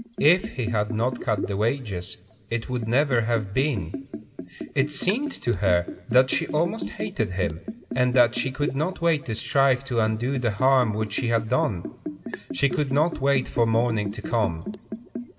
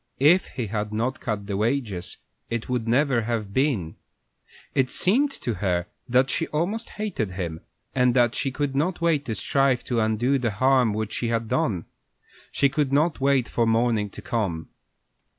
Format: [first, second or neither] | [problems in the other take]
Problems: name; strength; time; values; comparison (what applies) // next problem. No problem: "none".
second | background sound (Liquid); 10 dB below the speech // room echo; dies away in 0.9 s